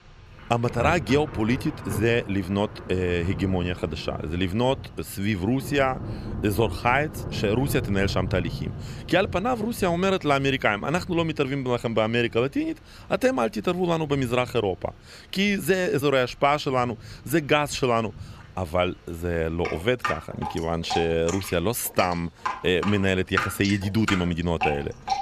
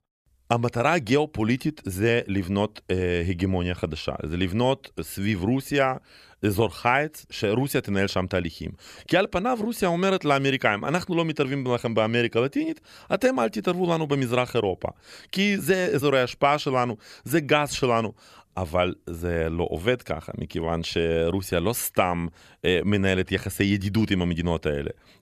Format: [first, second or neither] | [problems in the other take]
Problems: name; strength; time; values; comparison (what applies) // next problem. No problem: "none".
second | rain or running water; loud; throughout; 10 dB below the speech